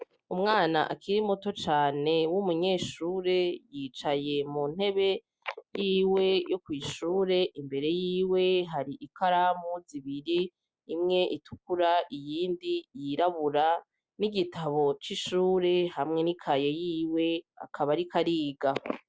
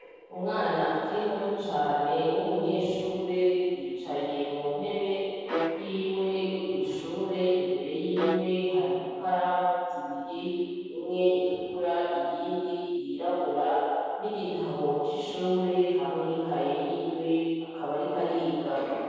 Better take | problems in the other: first | noise reduction (neural separator model SepFormer DNS4)

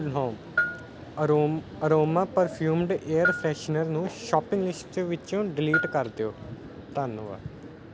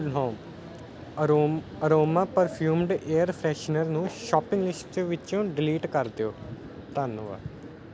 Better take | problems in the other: second | background sound (Bell); 8 dB below the speech

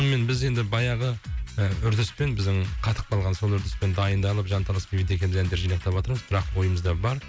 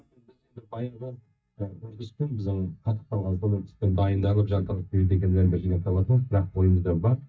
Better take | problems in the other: first | noise reduction (neural mask model DeepFilterNet 3)

